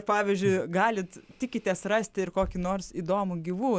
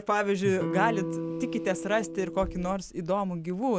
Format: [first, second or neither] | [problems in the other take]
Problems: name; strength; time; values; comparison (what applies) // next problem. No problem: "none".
first | background sound (Electric guitar); 5 dB below the speech